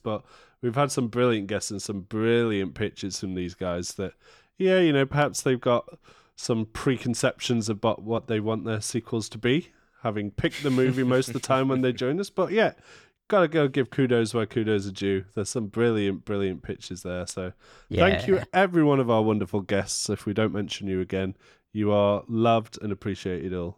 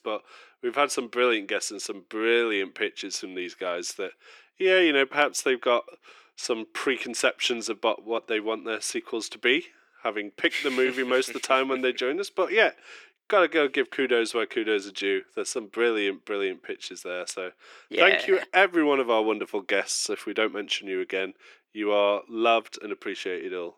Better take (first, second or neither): first